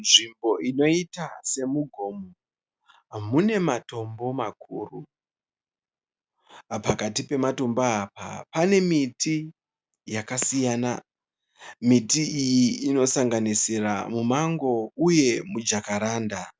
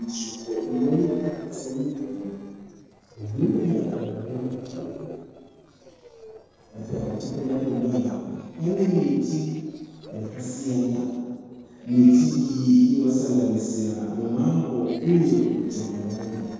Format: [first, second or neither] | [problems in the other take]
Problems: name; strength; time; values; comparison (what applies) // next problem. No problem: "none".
first | noise reduction (neural separator model SepFormer DNS4)